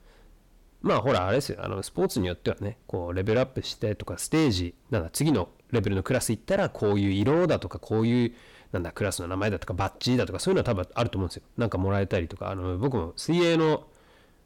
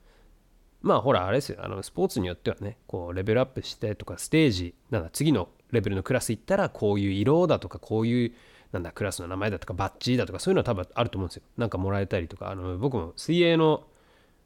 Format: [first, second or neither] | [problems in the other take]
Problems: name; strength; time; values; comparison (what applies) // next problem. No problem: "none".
second | distortion; slight; 10 dB below the speech